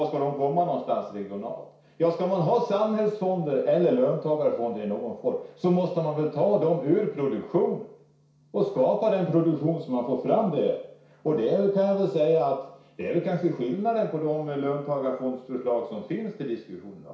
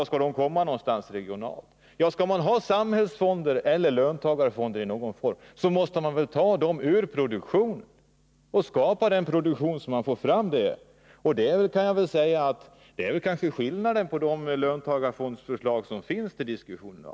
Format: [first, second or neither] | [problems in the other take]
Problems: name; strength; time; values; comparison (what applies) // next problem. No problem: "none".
second | room echo; dies away in 0.6 s